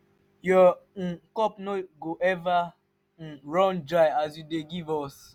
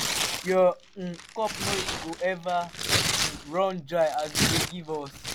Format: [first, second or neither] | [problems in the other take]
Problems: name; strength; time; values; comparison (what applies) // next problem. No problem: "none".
first | background sound (Tearing); 2 dB below the speech